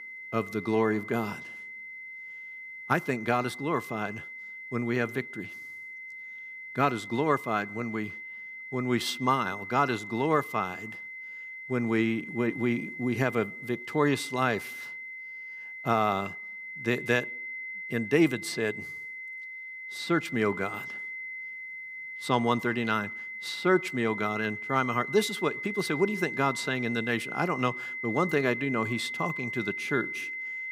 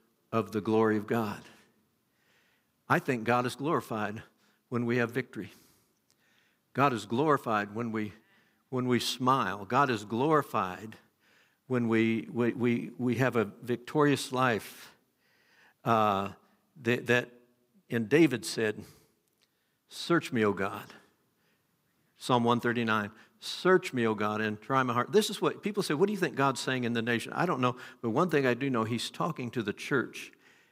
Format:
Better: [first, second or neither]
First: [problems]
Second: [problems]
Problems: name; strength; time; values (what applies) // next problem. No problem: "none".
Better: second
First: high-pitched whine; loud; throughout; 2 kHz, 8 dB below the speech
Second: none